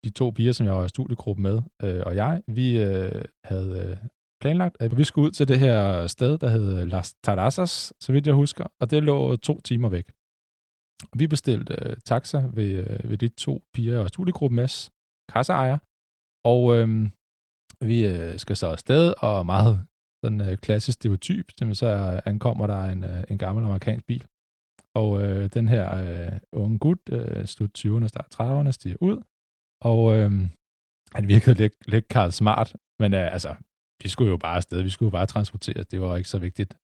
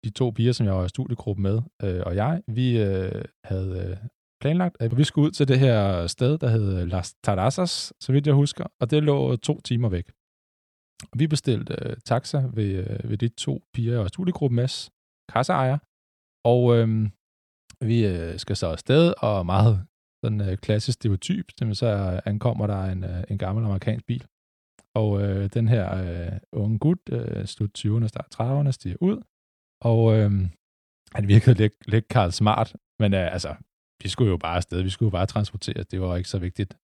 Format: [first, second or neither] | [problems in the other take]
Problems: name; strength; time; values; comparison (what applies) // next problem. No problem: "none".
second | garbled, watery; slightly